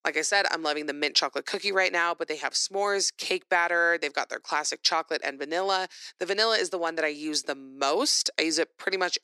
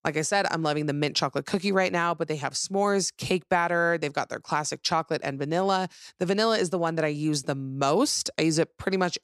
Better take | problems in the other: second | thin; somewhat; fading below 300 Hz

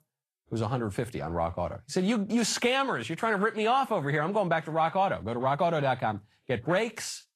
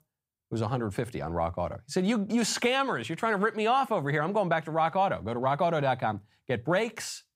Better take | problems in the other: second | garbled, watery; slightly; nothing above 12.5 kHz

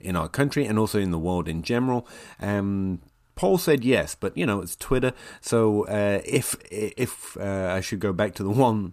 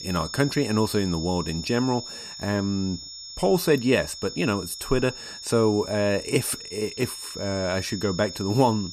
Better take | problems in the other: first | high-pitched whine; noticeable; throughout; 5.5 kHz, 10 dB below the speech

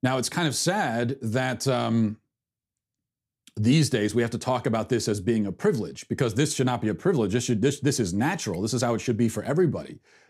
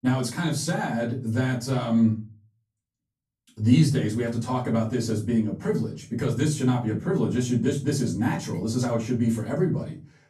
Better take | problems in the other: first | room echo; slight; dies away in 0.3 s // off-mic speech; far

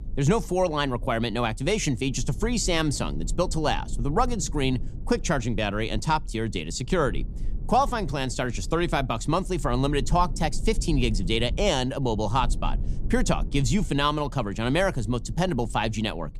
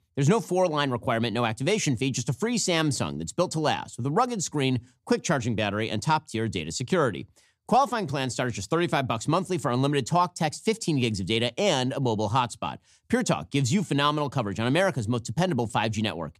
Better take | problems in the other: second | low rumble; faint; throughout; 25 dB below the speech

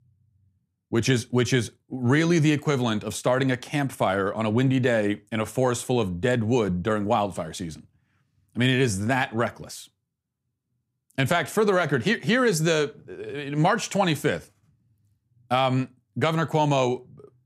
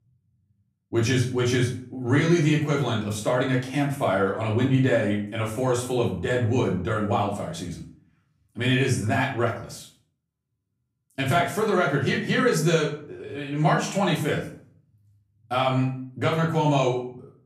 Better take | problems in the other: first | room echo; slight; dies away in 0.4 s // off-mic speech; far

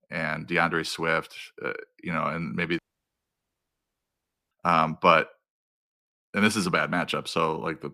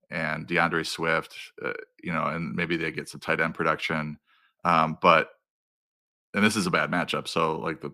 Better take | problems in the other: second | audio cutting out; at 3 s for 1.5 s

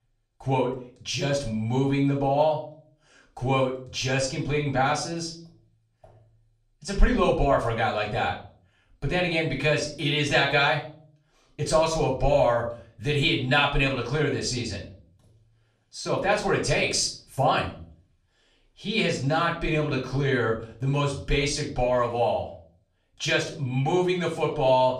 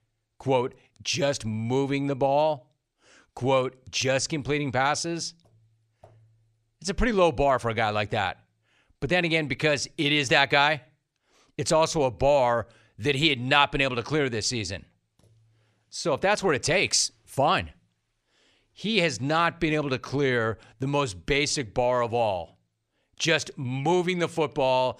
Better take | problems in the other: second | off-mic speech; far // room echo; slight; dies away in 0.4 s

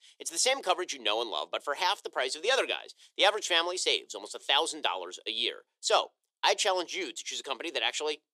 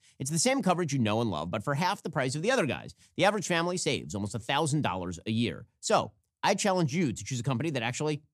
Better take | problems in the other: second | thin; very; fading below 400 Hz

